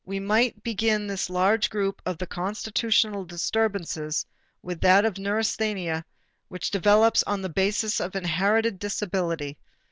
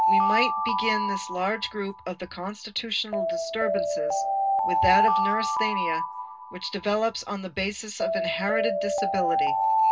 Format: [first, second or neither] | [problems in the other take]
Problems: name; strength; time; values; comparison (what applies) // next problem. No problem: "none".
first | background sound (Alarm); 4 dB above the speech // room echo; dies away in 0.2 s